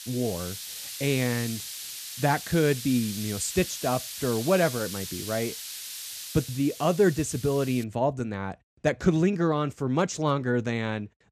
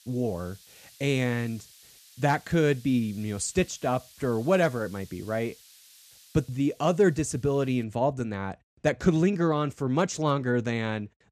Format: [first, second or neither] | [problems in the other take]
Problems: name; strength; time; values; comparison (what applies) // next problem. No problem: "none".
second | hiss; loud; until 8 s; 9 dB below the speech; faint in the second